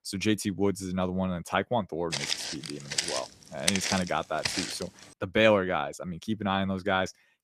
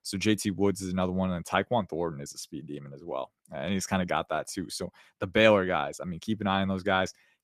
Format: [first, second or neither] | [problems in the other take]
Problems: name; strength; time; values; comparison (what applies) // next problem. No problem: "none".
second | footsteps; loud; from 2 to 4.5 s; peak 2 dB above the speech